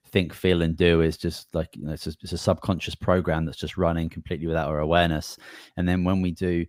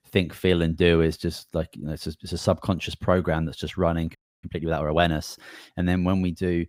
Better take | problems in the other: first | audio freezing; at 4 s

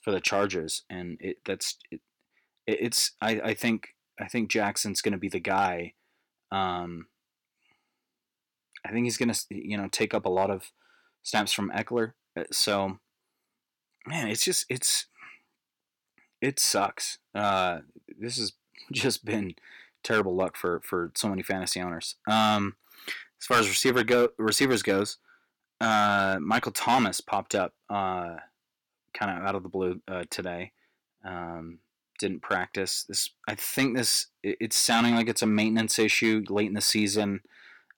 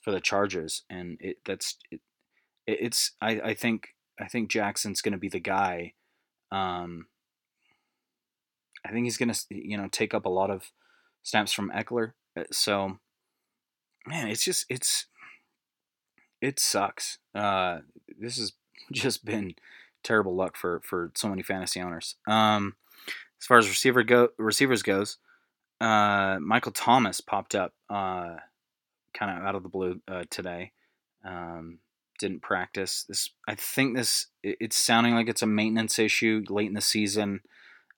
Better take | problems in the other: second | distortion; slight; 1.1% of the sound clipped

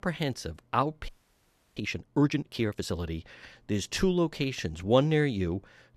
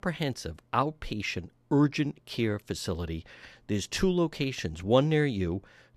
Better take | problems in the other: second | audio freezing; at 1 s for 0.5 s

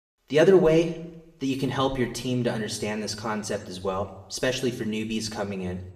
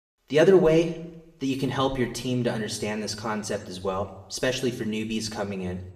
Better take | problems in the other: neither | room echo; slight; dies away in 0.6 s; the same in both // off-mic speech; somewhat distant; the same in both

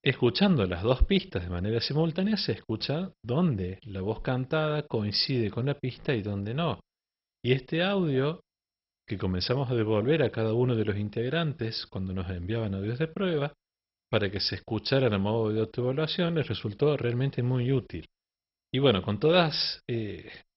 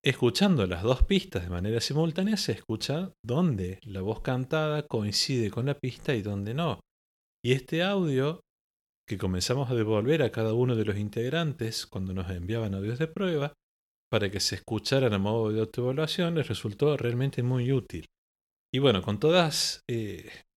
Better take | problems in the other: second | garbled, watery; badly; nothing above 5.5 kHz

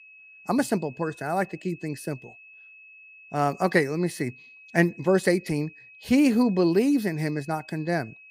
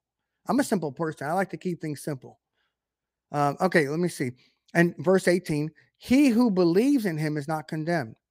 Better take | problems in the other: second | high-pitched whine; faint; throughout; 2.5 kHz, 20 dB below the speech

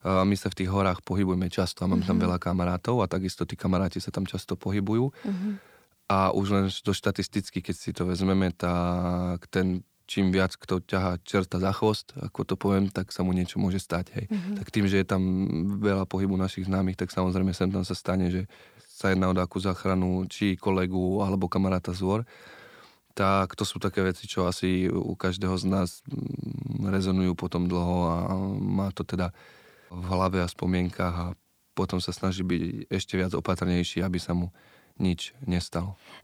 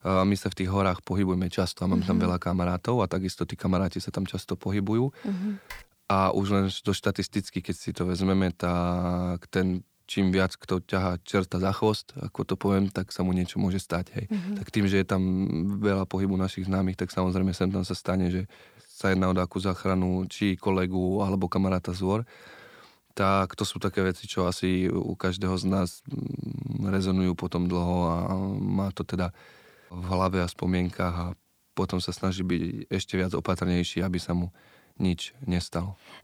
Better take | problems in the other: first | keyboard typing; faint; at 5.5 s; peak 15 dB below the speech

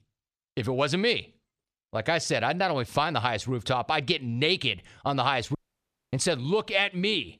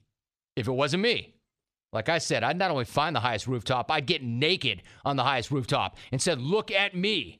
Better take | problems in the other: second | audio cutting out; at 5.5 s for 0.5 s

